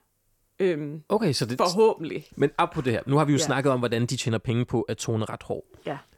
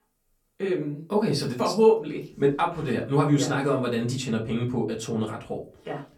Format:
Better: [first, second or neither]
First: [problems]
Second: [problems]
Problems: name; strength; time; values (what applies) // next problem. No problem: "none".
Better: first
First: none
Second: off-mic speech; far // room echo; very slight; dies away in 0.3 s